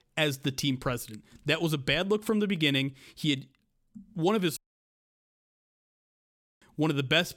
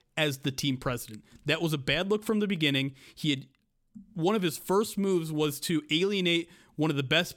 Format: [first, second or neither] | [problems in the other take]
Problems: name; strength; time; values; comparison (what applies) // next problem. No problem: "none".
second | audio cutting out; at 4.5 s for 2 s